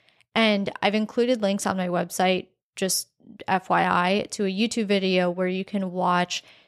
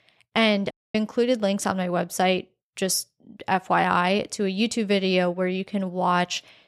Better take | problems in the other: first | audio cutting out; at 0.5 s

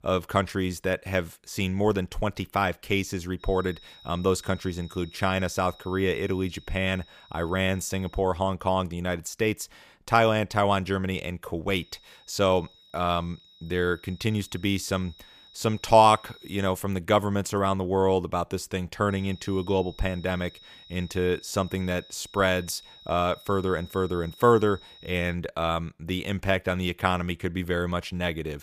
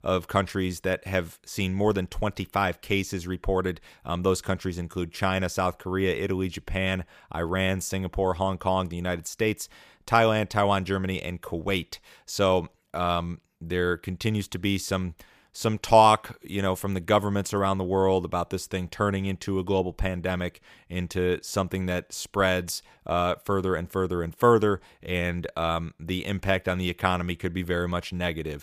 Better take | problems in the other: second | high-pitched whine; faint; from 3.5 to 8 s, from 12 to 17 s and from 19 to 25 s; 4 kHz, 25 dB below the speech

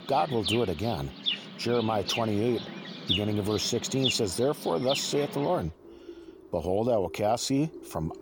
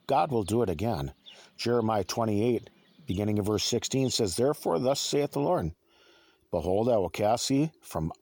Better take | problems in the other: second | animal sounds; loud; throughout; 5 dB below the speech; faint in the second

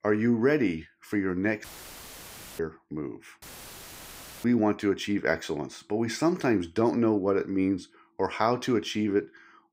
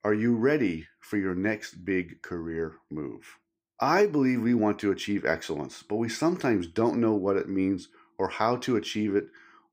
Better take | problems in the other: second | audio cutting out; filled with static; at 1.5 s for 1 s and at 3.5 s for 1 s

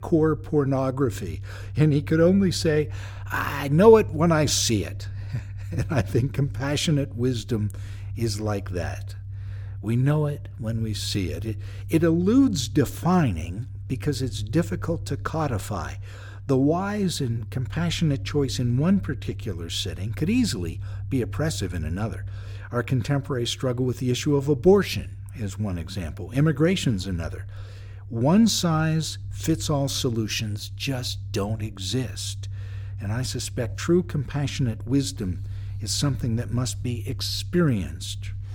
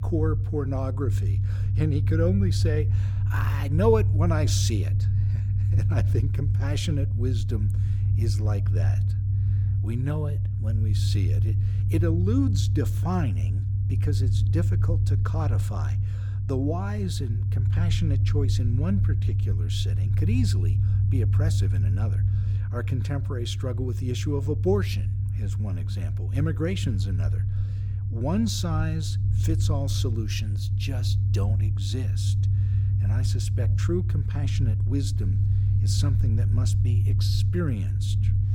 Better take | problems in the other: first | low rumble; loud; throughout; 5 dB below the speech; faint in the first

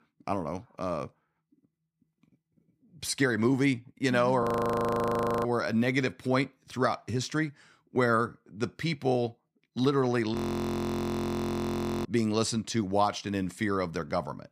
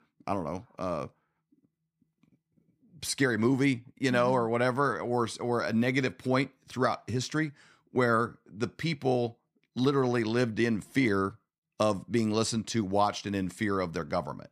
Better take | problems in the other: second | audio freezing; at 4.5 s for 1 s and at 10 s for 1.5 s

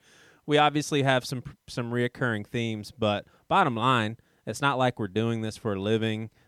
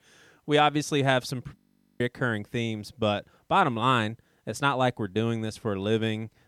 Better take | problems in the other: first | audio freezing; at 1.5 s

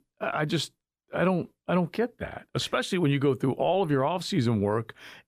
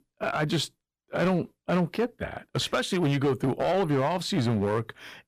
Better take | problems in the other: first | distortion; slight; 9% of the sound clipped

